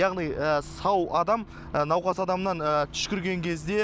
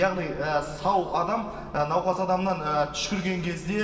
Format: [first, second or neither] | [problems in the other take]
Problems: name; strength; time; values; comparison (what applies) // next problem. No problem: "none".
first | room echo; dies away in 2.3 s